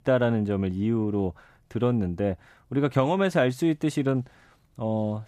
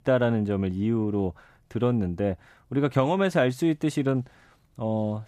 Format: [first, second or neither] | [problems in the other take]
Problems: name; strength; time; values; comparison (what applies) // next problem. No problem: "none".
neither | none